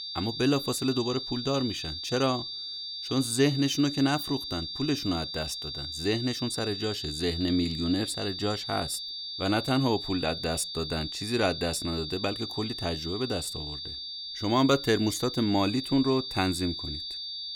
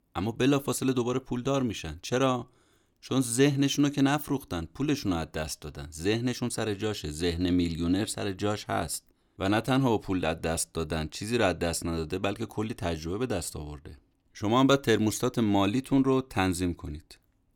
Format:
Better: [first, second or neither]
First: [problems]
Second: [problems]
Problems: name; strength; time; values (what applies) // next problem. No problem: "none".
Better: second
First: high-pitched whine; loud; throughout; 4.5 kHz, 5 dB below the speech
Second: none